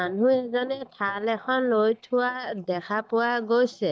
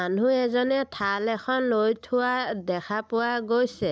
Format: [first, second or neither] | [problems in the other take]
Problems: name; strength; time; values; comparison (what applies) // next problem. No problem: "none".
second | noise reduction (neural mask model DeepFilterNet 3)